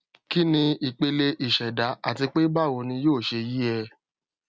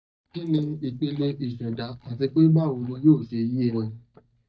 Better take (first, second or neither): first